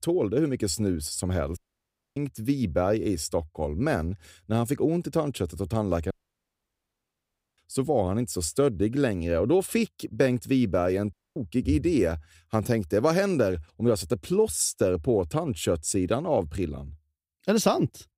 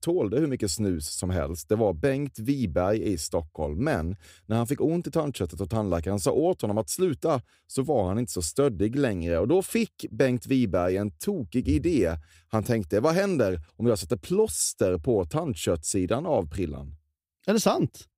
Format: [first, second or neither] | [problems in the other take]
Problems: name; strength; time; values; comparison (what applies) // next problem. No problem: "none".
second | audio cutting out; at 1.5 s for 0.5 s, at 6 s for 1.5 s and at 11 s